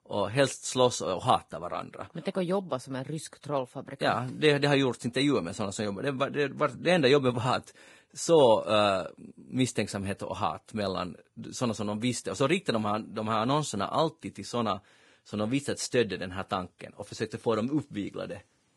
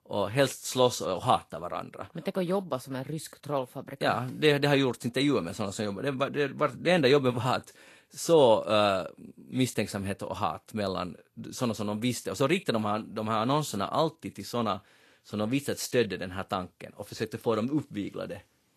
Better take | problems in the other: second | garbled, watery; badly; nothing above 10.5 kHz; slightly in the second

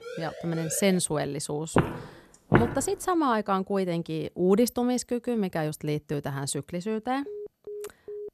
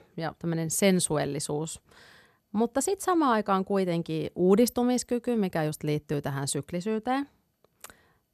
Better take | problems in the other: second | siren; faint; at the start; peak 10 dB below the speech // footsteps; loud; at 2 s; peak 3 dB above the speech // phone ringing; faint; from 7.5 s on; peak 10 dB below the speech

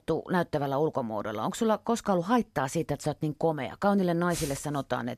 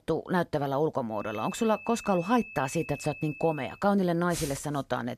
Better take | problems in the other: first | high-pitched whine; noticeable; from 1 to 4 s; 2.5 kHz, 15 dB below the speech

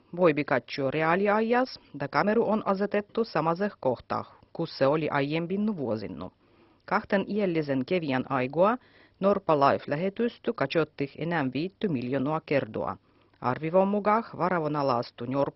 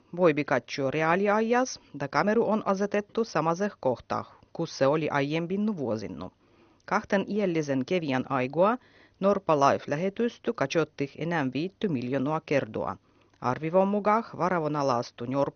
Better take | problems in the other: second | garbled, watery; badly; nothing above 5.5 kHz; slightly in the second

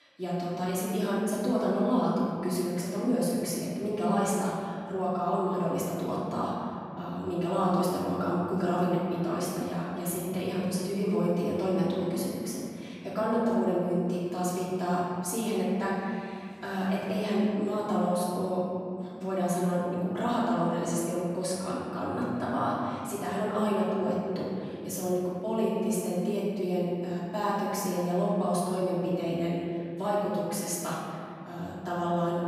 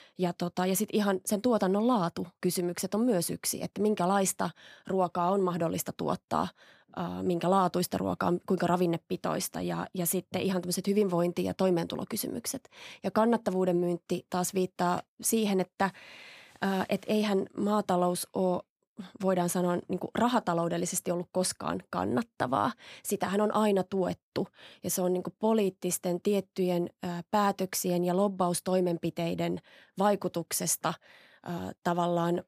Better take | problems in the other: second | off-mic speech; far // room echo; strong; dies away in 2.5 s

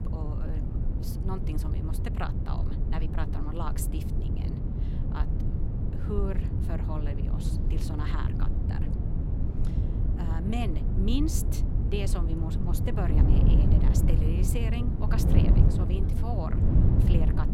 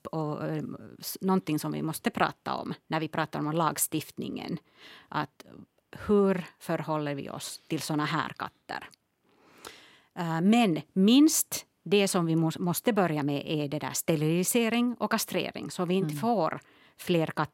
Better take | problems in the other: second | wind noise on the microphone; heavy; 1 dB below the speech

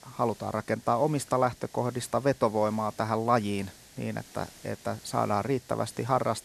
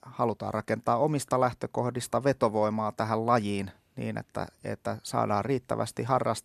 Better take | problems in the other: second | hiss; faint; throughout; 20 dB below the speech

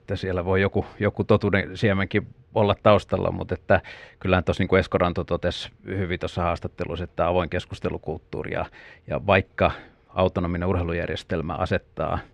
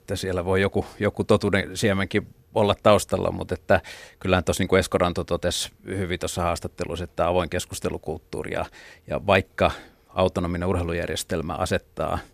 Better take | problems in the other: second | muffled; slightly; fading above 2.5 kHz

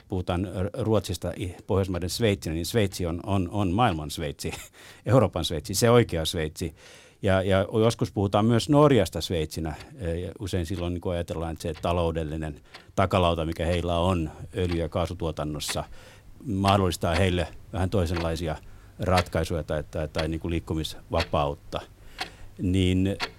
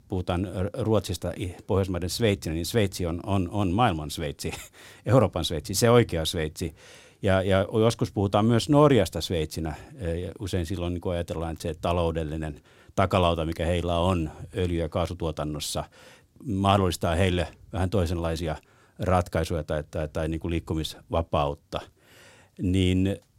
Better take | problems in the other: second | household noises; noticeable; throughout; 15 dB below the speech

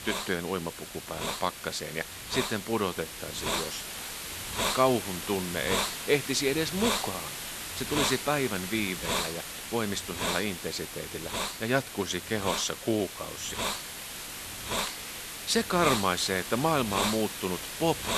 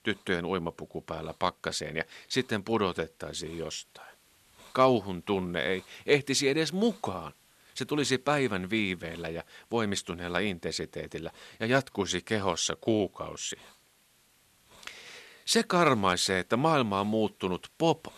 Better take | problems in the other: second | hiss; loud; throughout; 3 dB below the speech; faint in the second

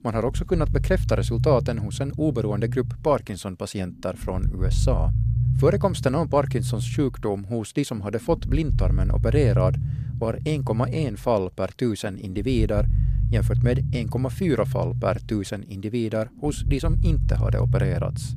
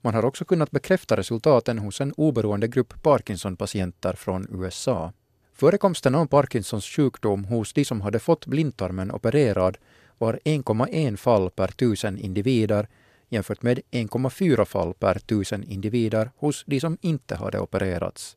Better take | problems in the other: second | low rumble; noticeable; throughout; 10 dB below the speech

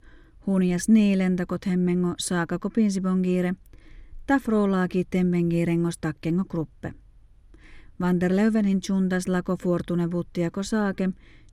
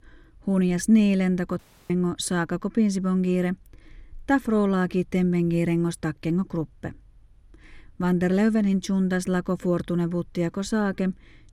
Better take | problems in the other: first | audio cutting out; at 1.5 s

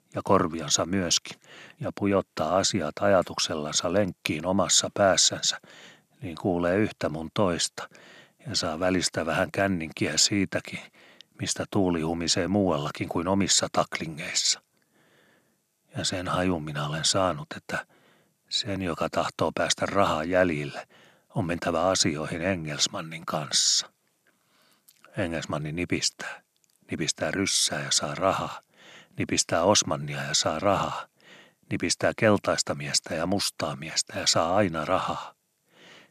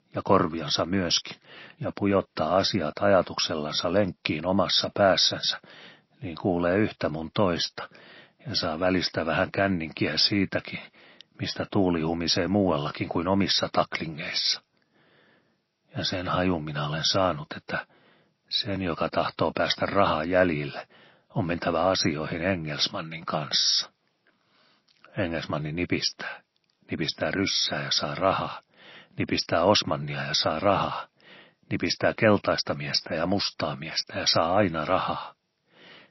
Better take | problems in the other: first | garbled, watery; slightly; nothing above 5.5 kHz

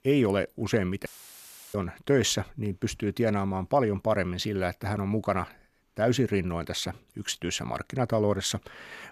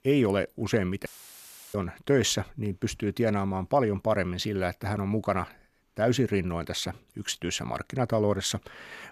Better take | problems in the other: neither | audio cutting out; filled with static; at 1 s for 0.5 s; the same in both

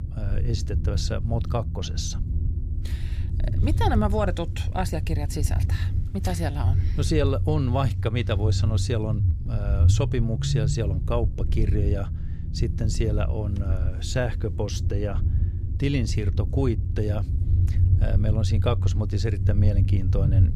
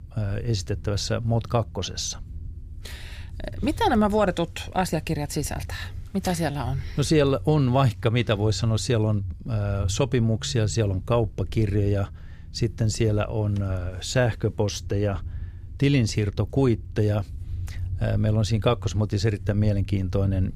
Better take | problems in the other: second | low rumble; loud; throughout; 9 dB below the speech; faint in the second

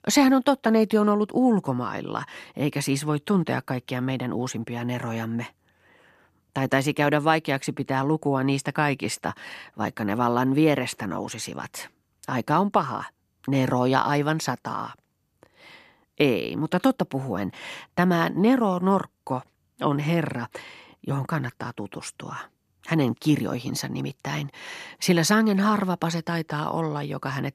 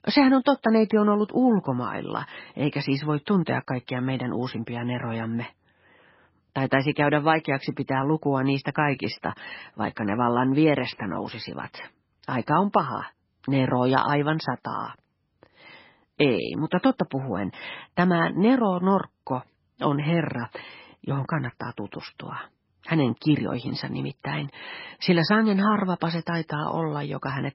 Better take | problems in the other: first | garbled, watery; badly; nothing above 5.5 kHz

